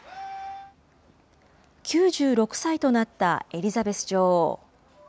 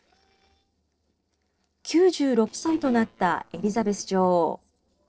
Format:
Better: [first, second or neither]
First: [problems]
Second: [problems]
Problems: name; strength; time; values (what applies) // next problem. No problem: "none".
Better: first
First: none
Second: noise reduction (neural separator model SepFormer DNS4)